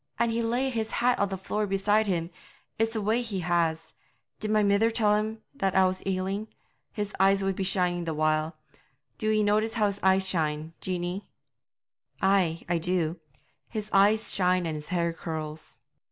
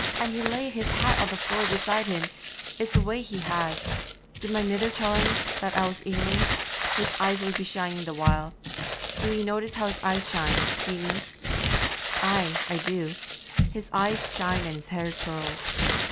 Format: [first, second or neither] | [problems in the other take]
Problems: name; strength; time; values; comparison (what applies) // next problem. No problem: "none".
first | background sound (Crumpling, crinkling); 1 dB above the speech